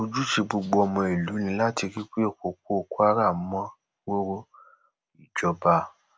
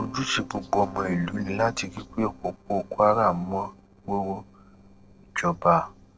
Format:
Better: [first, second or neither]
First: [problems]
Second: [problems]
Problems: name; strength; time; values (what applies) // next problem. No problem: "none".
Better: first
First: none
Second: noise reduction (neural separator model SepFormer DNS4)